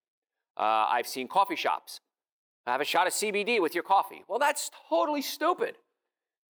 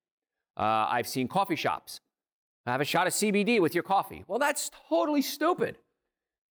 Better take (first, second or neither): second